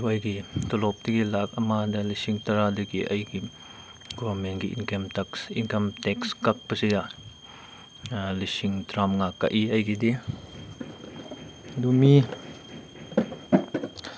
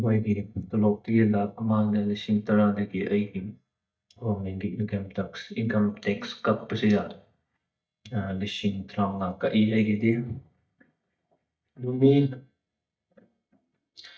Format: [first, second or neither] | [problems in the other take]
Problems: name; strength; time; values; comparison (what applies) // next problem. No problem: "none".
first | noise reduction (neural mask model DeepFilterNet 3)